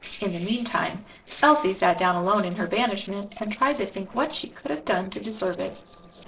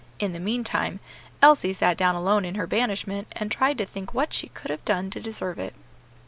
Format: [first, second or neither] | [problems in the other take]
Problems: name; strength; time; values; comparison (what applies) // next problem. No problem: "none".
second | noise reduction (neural separator model SepFormer DNS4)